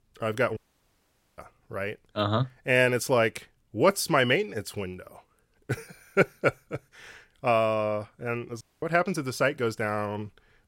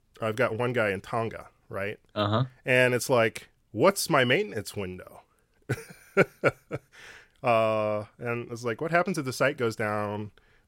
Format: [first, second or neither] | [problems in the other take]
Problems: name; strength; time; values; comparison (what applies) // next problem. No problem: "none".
second | audio cutting out; at 0.5 s for 1 s and at 8.5 s